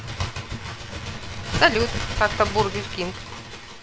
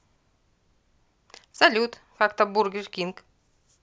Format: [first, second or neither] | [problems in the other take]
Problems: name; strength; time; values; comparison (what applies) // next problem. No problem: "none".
second | background sound (Bird); 4 dB below the speech